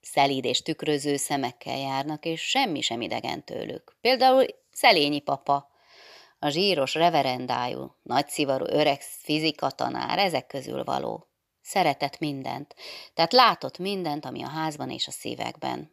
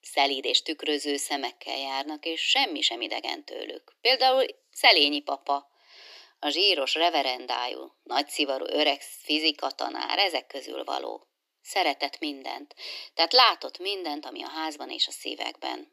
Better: first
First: none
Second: thin; very slightly; fading below 300 Hz

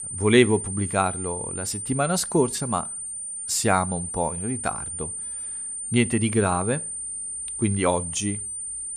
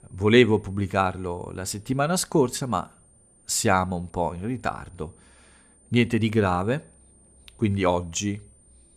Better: second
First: high-pitched whine; loud; throughout; 9 kHz, 5 dB below the speech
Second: high-pitched whine; faint; throughout; 9 kHz, 30 dB below the speech

